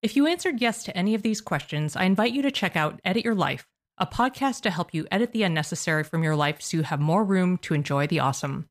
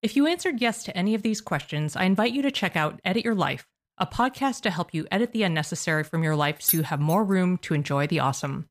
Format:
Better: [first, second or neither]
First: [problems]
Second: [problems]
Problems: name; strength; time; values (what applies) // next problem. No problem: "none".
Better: first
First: none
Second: jangling keys; loud; at 6.5 s; peak 1 dB above the speech